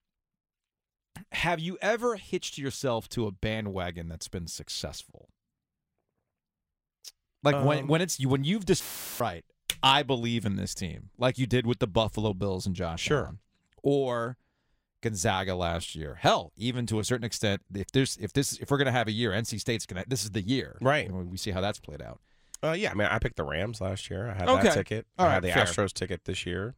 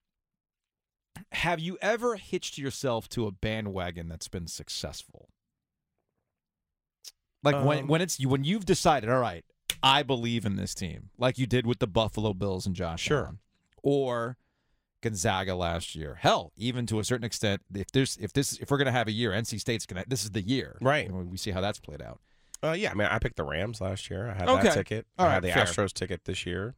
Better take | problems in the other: second | audio cutting out; filled with static; at 9 s

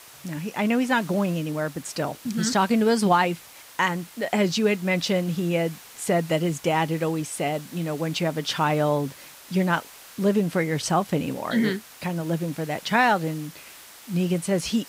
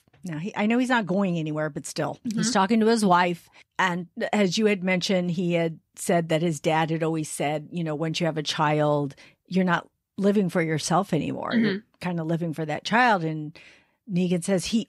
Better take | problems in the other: second | hiss; noticeable; throughout; 20 dB below the speech

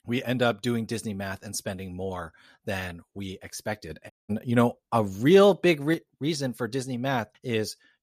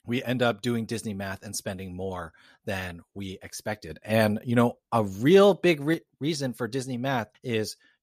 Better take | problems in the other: second | audio cutting out; at 4 s

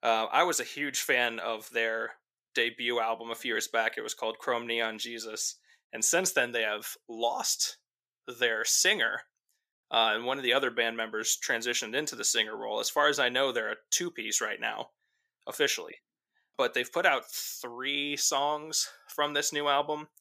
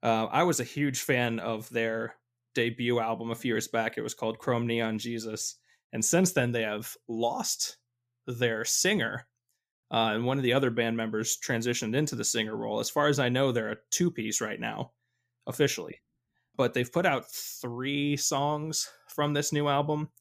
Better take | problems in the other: second | thin; somewhat; fading below 500 Hz

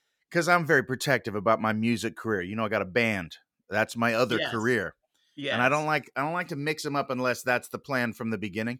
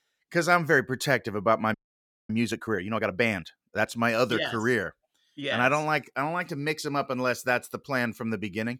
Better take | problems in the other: first | audio freezing; at 1.5 s for 0.5 s

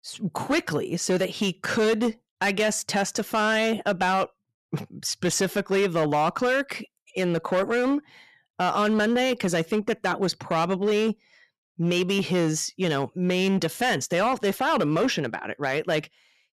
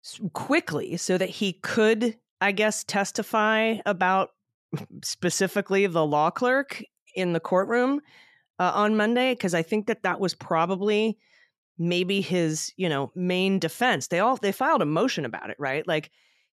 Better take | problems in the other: second | distortion; slight; 9% of the sound clipped

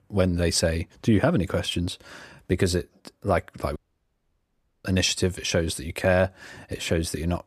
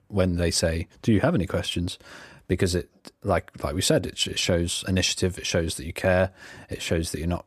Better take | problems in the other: second | audio cutting out; at 4 s for 1 s

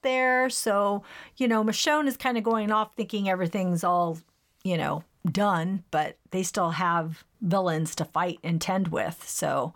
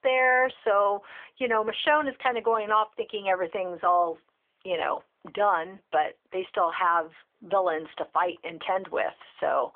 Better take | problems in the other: first | phone-call audio; nothing above 3.5 kHz

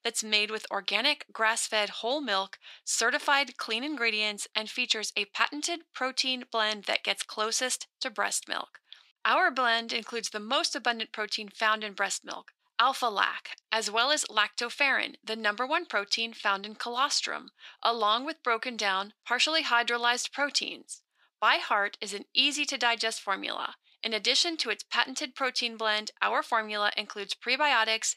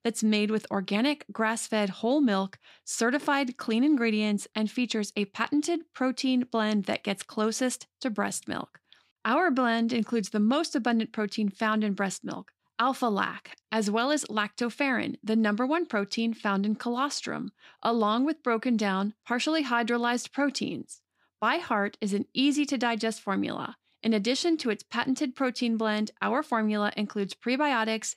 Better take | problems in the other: second | thin; very; fading below 650 Hz

